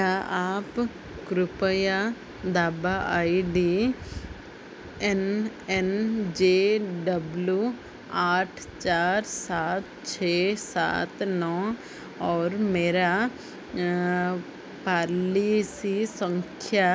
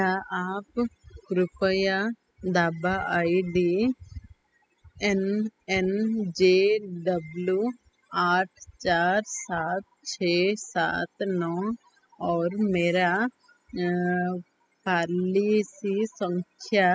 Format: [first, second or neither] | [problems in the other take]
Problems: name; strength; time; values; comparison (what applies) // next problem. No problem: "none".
first | noise reduction (classical method spectral subtraction)